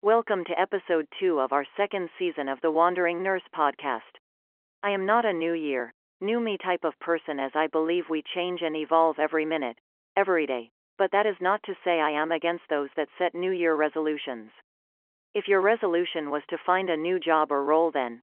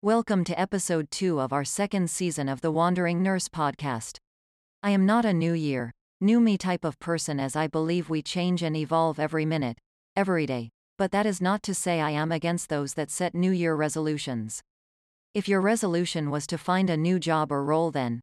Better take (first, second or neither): second